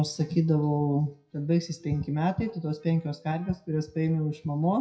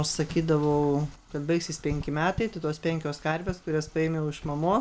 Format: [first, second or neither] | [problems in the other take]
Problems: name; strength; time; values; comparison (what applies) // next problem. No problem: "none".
second | noise reduction (classical method WPE with log-MMSE)